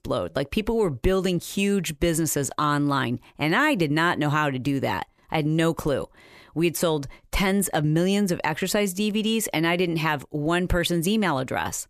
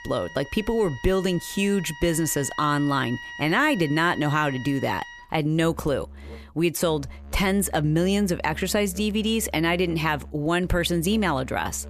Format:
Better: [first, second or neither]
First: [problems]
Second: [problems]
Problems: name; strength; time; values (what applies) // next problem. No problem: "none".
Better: first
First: none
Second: background music; noticeable; throughout; 15 dB below the speech